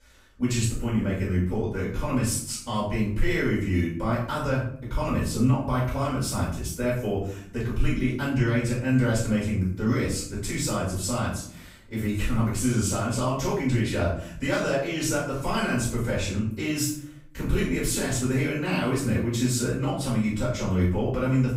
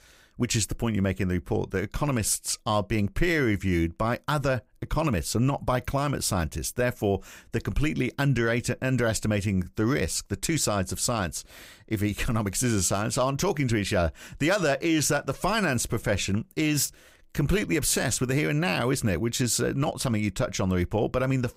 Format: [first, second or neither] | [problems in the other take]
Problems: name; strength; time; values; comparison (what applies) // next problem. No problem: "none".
second | off-mic speech; far // room echo; noticeable; dies away in 0.5 s